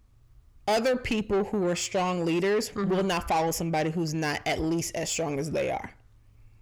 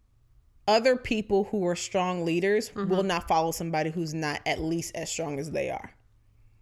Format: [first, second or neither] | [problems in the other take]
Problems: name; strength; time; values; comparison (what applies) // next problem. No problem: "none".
second | distortion; slight; 10 dB below the speech